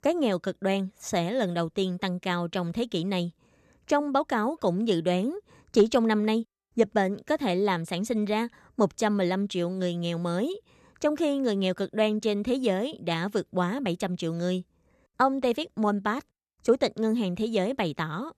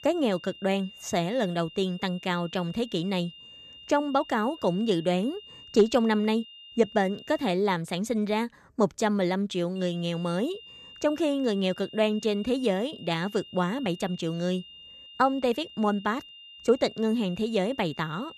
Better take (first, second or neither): first